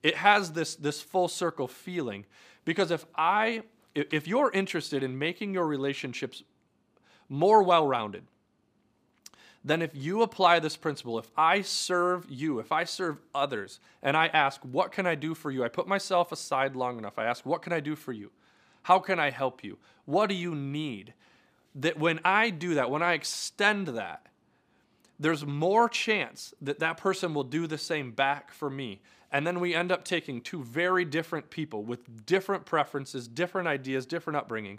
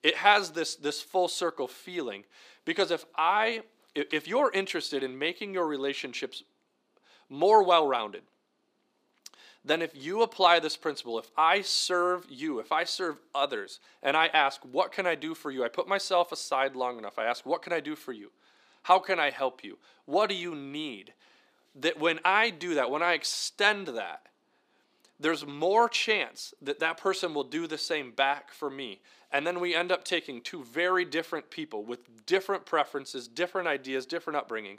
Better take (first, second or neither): first